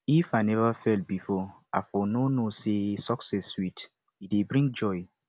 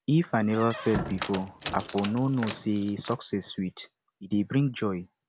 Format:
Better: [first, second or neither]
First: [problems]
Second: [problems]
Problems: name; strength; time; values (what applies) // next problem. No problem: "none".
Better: first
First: none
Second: background sound (Squeak); 10 dB below the speech